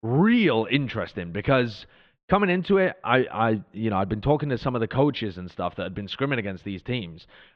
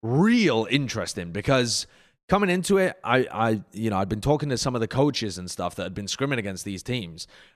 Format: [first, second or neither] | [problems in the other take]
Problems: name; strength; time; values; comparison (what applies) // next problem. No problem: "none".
second | muffled; very; fading above 3.5 kHz